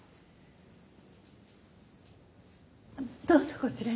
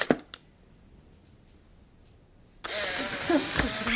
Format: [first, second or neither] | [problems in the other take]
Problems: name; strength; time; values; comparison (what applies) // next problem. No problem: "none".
first | background sound (Camera); 3 dB above the speech